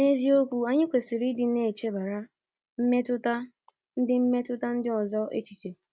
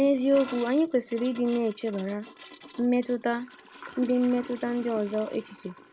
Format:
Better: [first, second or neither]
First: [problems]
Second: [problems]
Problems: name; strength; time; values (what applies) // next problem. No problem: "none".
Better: first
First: none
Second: background sound (Toilet flush / Gurgling); 18 dB below the speech